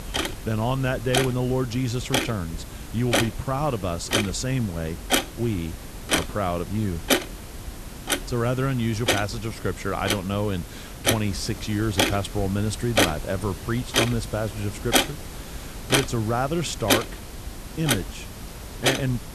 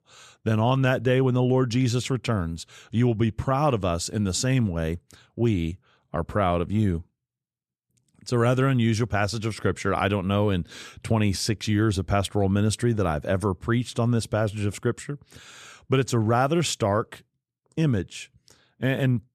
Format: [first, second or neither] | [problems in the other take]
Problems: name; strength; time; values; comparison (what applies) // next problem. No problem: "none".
second | household noises; very loud; throughout; 1 dB above the speech